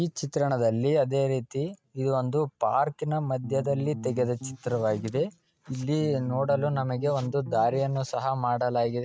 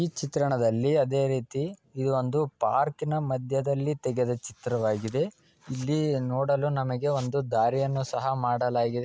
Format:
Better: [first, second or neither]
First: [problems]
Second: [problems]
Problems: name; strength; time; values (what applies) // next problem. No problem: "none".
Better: second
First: noise reduction (neural mask model RNNoise)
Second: none